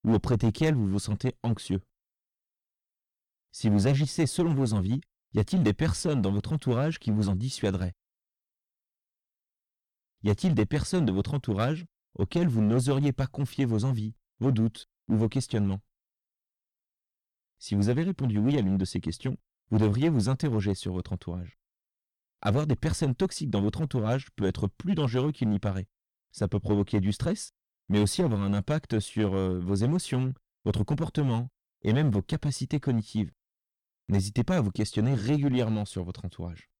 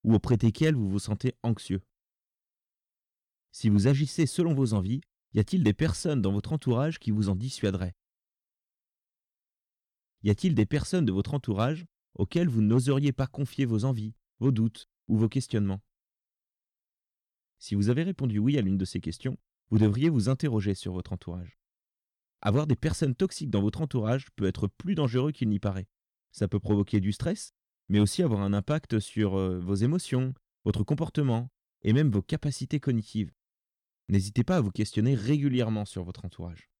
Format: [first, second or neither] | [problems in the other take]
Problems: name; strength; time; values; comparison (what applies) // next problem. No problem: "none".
second | distortion; slight; 6% of the sound clipped